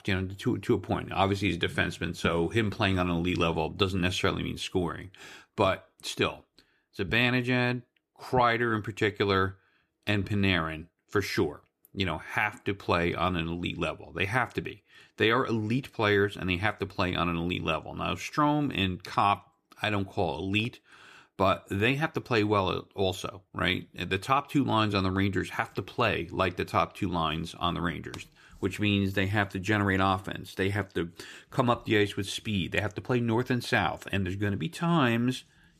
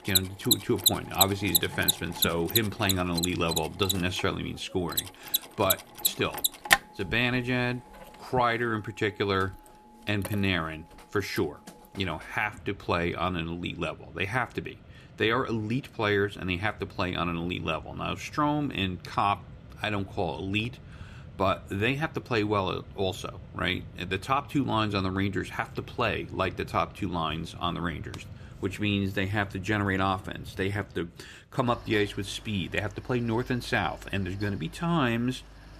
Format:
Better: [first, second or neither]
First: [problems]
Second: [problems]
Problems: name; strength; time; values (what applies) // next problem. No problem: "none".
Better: first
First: none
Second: machinery noise; very loud; throughout; 2 dB above the speech